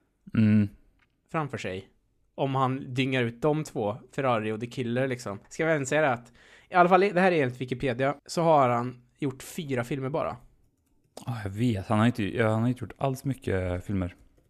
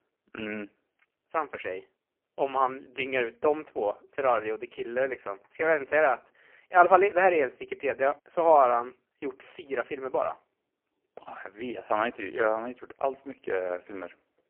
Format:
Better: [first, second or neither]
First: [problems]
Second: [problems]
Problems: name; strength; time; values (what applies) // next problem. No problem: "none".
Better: first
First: none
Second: phone-call audio; poor line